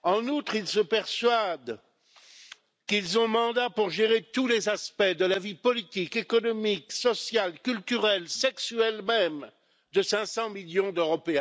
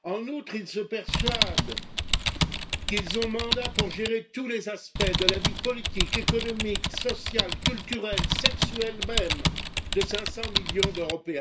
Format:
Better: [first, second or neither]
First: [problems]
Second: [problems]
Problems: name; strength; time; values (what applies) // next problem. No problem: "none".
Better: first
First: none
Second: background sound (Typing); 4 dB above the speech // room echo; dies away in 0.2 s